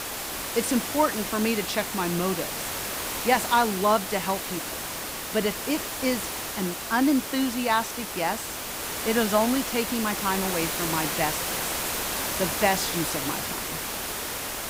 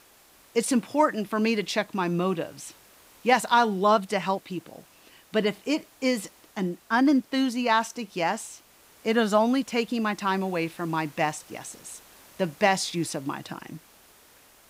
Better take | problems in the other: second | hiss; loud; throughout; 3 dB below the speech; faint in the second

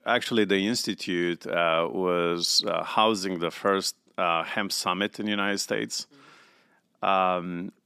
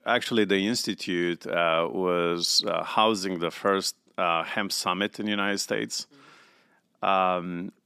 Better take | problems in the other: neither | none

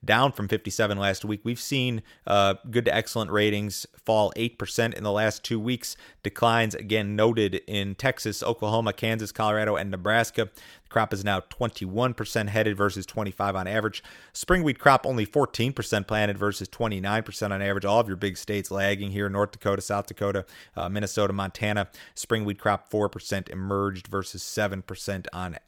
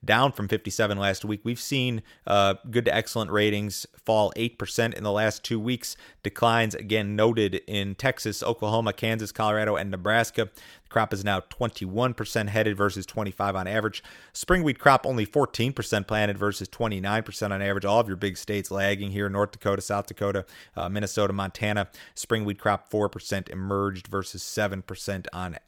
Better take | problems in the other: neither | none

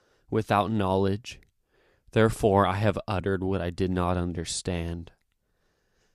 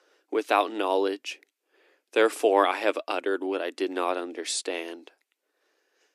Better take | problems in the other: first | thin; somewhat; fading below 300 Hz

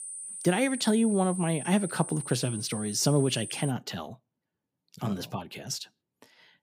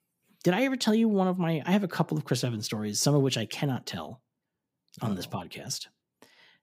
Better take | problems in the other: second | high-pitched whine; loud; until 3.5 s; 9.5 kHz, 9 dB below the speech

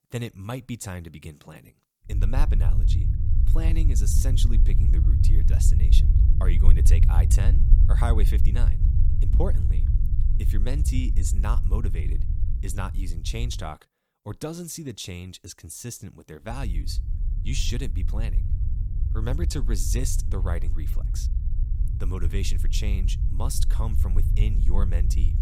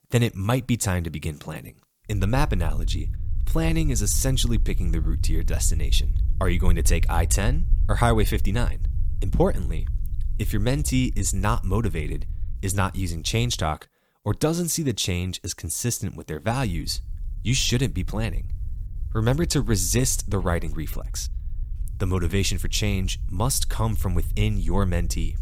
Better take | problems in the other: second | low rumble; loud; from 2 to 14 s and from 17 s on; 6 dB below the speech; faint in the second

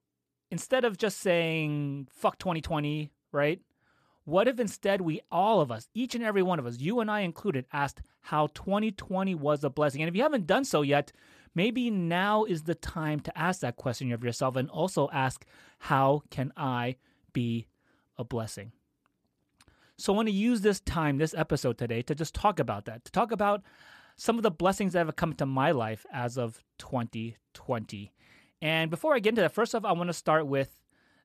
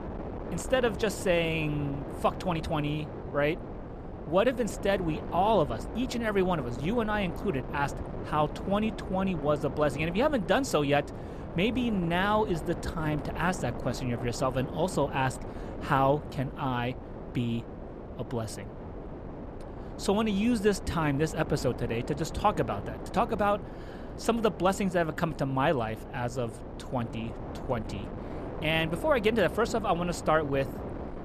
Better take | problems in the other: first | wind noise on the microphone; occasional gusts; 15 dB below the speech

